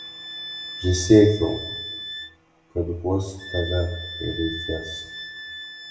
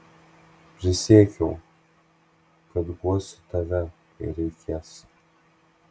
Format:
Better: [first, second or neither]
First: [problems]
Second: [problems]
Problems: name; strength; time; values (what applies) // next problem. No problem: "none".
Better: second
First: background sound (Wind instrument, woodwind instrument); 11 dB below the speech // room echo; dies away in 0.7 s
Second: none